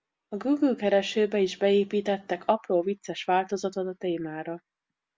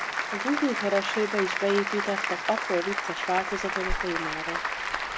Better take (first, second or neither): first